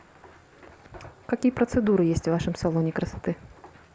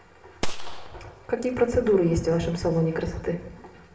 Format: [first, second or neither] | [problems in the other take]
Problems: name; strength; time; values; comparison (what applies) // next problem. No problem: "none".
first | background sound (Gunshot, gunfire); 4 dB below the speech // room echo; dies away in 1 s